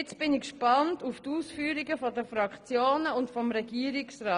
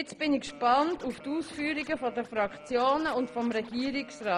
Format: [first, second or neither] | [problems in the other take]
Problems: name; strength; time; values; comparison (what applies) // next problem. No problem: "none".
first | background sound (Scratching (performance technique)); 19 dB below the speech